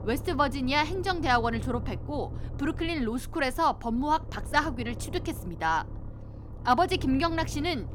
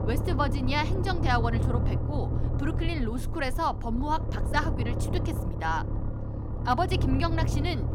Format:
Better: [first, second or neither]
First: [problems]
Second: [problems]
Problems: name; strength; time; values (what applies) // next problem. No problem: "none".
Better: first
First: low rumble; faint; throughout; 20 dB below the speech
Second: low rumble; loud; throughout; 9 dB below the speech